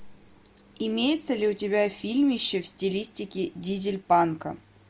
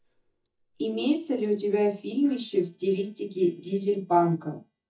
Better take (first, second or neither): first